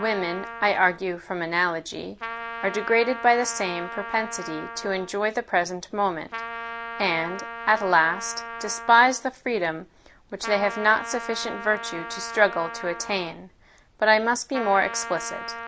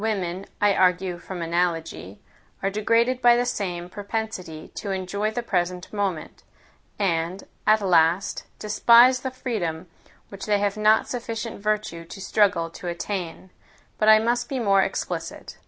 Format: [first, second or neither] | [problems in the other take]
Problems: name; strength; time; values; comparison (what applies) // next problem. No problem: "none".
second | background sound (Trumpet); 11 dB below the speech